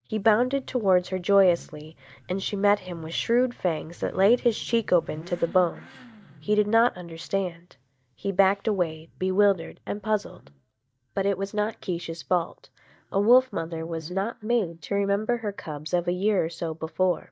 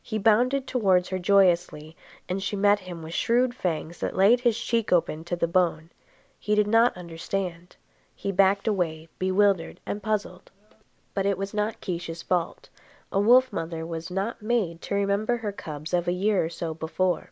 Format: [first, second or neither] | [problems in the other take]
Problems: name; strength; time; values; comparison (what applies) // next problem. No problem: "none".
second | noise reduction (neural mask model DeepFilterNet 3)